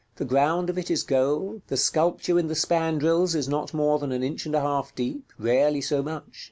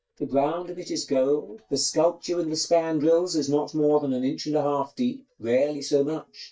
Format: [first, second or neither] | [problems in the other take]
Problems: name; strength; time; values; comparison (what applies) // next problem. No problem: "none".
first | noise reduction (neural mask model DeepFilterNet 3)